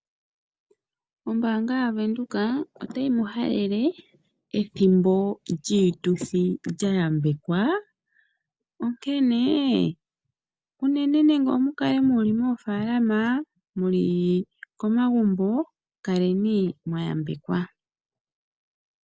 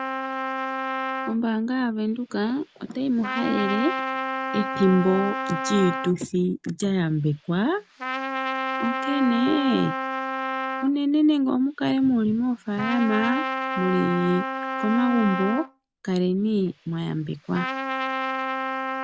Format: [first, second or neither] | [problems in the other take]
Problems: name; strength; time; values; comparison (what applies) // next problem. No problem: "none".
first | background sound (Trumpet); 5 dB below the speech